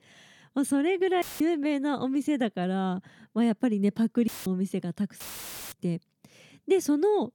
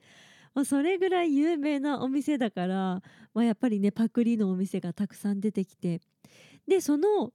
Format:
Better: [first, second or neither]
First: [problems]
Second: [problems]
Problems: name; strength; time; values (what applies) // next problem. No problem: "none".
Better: second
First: audio cutting out; filled with static; at 1 s, at 4.5 s and at 5 s for 0.5 s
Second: none